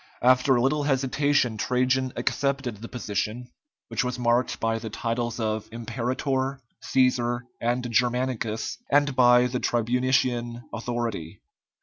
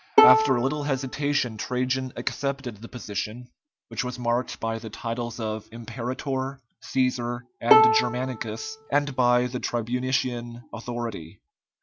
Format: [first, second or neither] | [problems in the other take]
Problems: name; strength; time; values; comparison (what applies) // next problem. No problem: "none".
first | background sound (Bowed string instrument); 2 dB above the speech